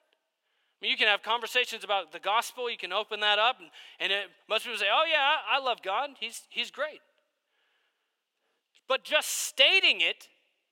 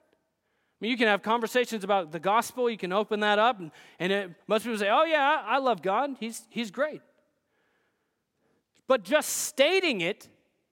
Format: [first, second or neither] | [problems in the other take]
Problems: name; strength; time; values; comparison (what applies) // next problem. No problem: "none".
second | thin; somewhat; fading below 600 Hz